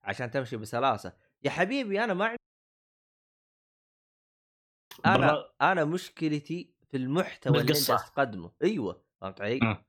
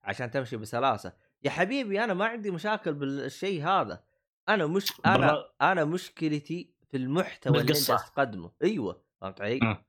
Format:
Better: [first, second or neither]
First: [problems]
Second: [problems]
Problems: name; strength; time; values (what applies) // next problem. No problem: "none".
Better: second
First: audio cutting out; at 2.5 s for 2.5 s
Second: none